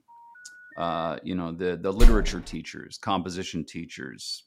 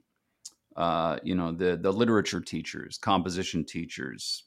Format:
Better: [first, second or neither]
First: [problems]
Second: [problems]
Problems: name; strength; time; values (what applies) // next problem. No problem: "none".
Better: second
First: phone ringing; faint; until 1 s; peak 15 dB below the speech // door banging; loud; at 2 s; peak 6 dB above the speech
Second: none